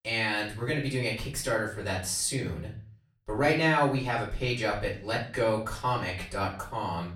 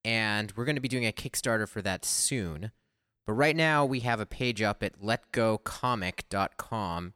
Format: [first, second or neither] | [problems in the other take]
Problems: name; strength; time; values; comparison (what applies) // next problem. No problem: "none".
second | off-mic speech; far // room echo; slight; dies away in 0.4 s